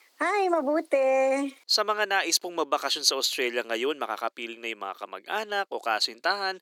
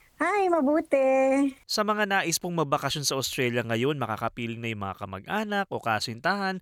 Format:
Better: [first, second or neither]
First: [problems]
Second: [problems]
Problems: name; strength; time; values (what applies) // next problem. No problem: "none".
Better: second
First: thin; somewhat; fading below 300 Hz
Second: none